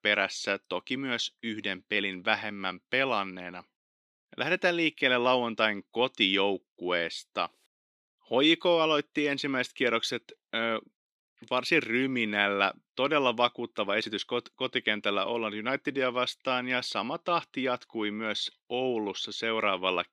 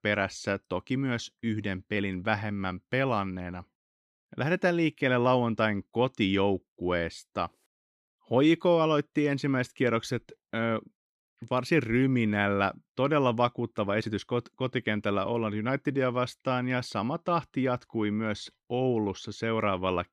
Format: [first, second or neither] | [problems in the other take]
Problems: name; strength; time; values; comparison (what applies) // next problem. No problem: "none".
second | thin; very slightly; fading below 300 Hz